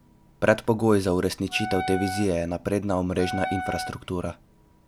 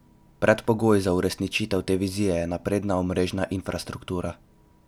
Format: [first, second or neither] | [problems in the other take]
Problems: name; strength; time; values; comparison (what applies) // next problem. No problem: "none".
second | background sound (Wind instrument, woodwind instrument); 8 dB below the speech